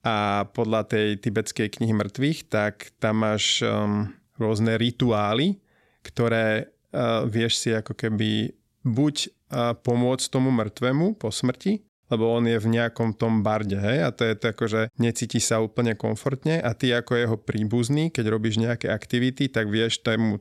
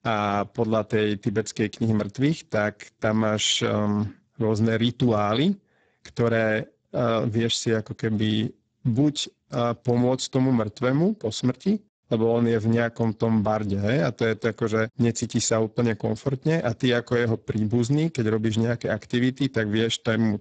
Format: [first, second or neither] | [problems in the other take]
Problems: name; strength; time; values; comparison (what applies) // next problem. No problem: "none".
first | garbled, watery; badly; nothing above 7.5 kHz